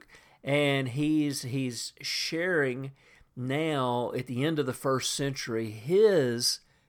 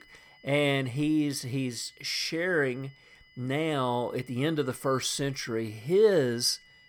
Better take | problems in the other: first | high-pitched whine; faint; throughout; 2 kHz, 30 dB below the speech

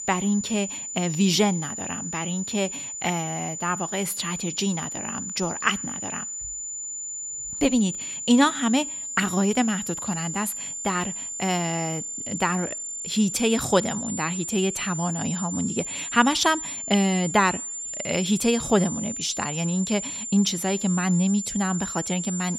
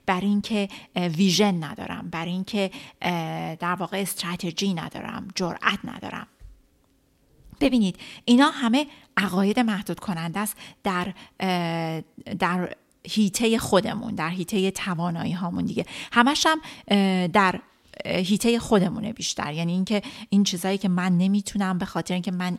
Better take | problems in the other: second | high-pitched whine; loud; throughout; 7 kHz, 5 dB below the speech

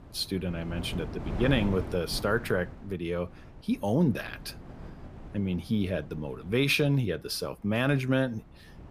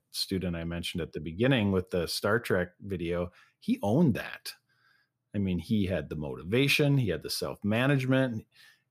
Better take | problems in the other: second | wind noise on the microphone; occasional gusts; 15 dB below the speech

